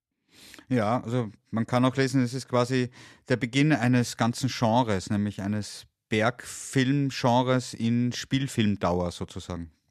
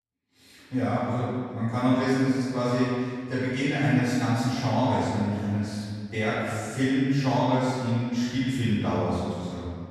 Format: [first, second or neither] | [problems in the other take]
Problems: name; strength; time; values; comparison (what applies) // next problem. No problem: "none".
first | room echo; strong; dies away in 1.8 s // off-mic speech; far